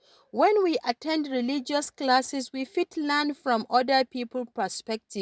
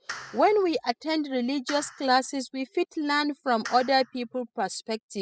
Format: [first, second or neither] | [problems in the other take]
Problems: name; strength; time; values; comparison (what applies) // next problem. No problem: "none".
first | noise reduction (classical method spectral subtraction)